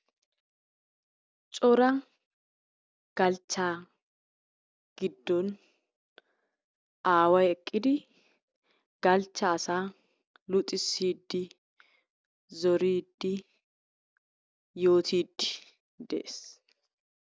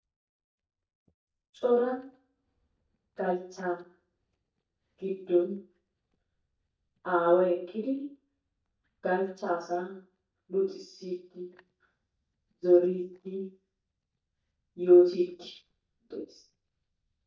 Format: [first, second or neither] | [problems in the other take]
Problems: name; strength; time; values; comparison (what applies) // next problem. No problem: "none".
first | noise reduction (neural mask model DeepFilterNet 3)